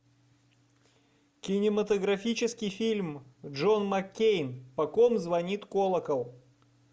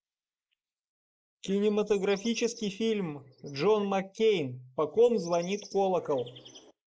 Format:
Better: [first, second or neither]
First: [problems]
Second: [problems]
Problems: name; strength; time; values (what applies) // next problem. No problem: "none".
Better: first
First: none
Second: noise reduction (neural mask model Resemble Enhance denoiser)